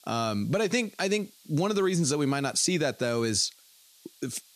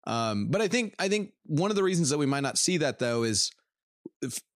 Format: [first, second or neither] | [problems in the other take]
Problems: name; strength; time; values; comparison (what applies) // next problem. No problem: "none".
second | hiss; faint; throughout; 25 dB below the speech